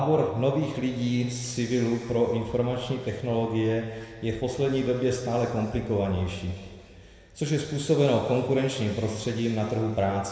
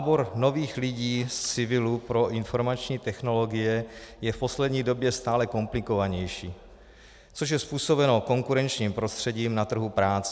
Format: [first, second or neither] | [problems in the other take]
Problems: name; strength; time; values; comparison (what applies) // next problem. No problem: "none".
second | room echo; dies away in 2 s